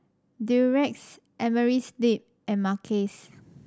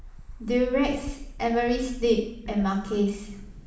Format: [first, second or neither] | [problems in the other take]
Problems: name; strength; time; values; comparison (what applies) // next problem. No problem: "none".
first | background sound (Bird); 13 dB below the speech // room echo; dies away in 0.7 s